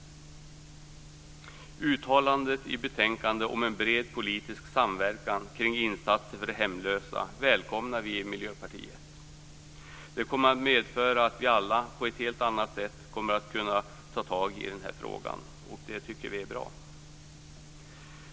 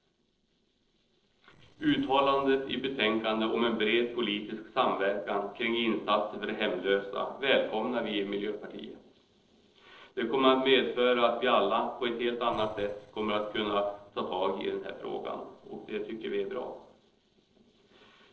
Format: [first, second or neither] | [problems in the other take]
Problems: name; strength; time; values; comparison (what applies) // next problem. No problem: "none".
first | noise reduction (neural separator model SepFormer DNS4)